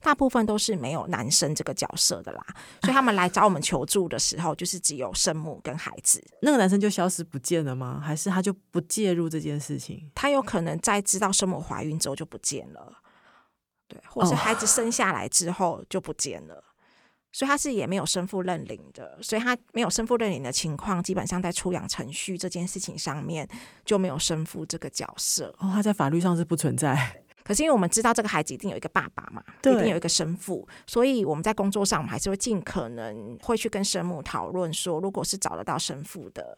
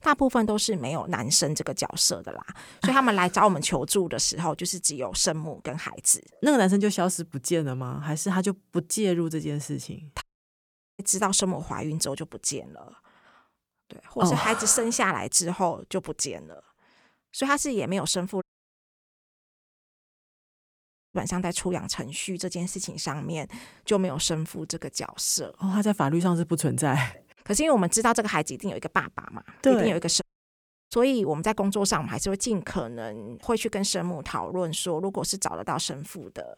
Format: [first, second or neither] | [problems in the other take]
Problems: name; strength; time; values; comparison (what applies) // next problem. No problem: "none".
first | audio cutting out; at 10 s for 1 s, at 18 s for 2.5 s and at 30 s for 0.5 s